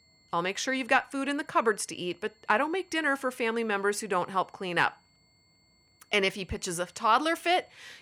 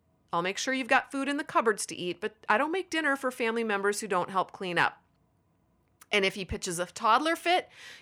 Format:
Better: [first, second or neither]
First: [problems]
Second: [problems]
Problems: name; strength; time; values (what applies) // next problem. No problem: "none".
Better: second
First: high-pitched whine; faint; throughout; 4.5 kHz, 35 dB below the speech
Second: none